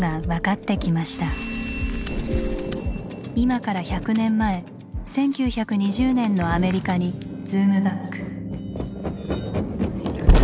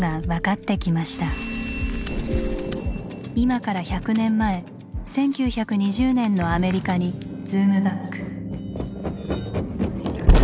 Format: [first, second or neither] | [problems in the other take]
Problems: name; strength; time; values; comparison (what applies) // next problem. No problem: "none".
second | background sound (Zipper (clothing)); 19 dB below the speech